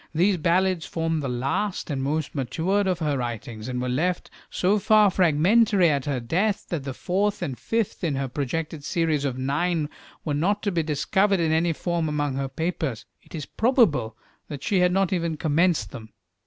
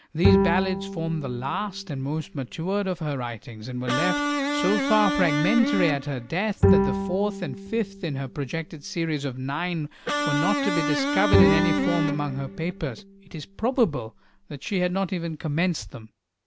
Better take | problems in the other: first | background sound (Bowed string instrument + Electric guitar); as loud as the speech

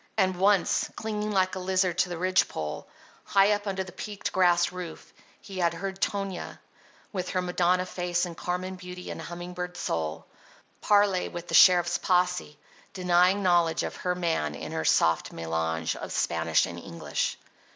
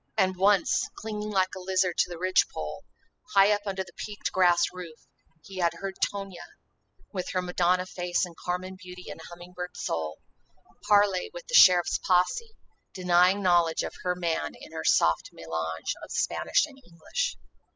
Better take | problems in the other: first | noise reduction (classical method spectral subtraction)

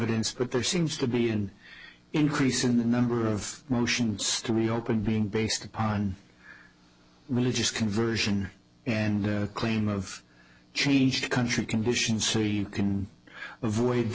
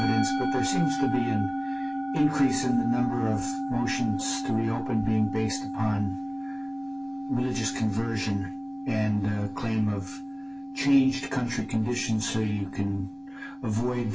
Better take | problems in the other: first | background sound (Musical instrument); 5 dB below the speech // room echo; dies away in 0.2 s

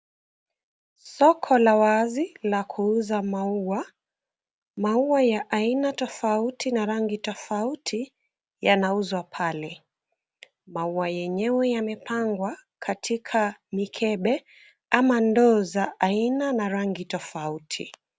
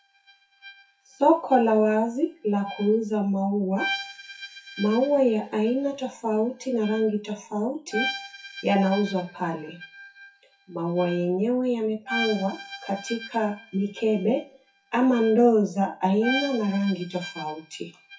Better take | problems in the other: first | noise reduction (classical method WPE with log-MMSE)

